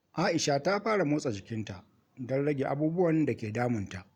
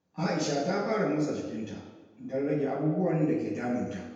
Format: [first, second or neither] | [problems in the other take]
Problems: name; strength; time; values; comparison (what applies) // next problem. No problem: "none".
first | room echo; dies away in 1.1 s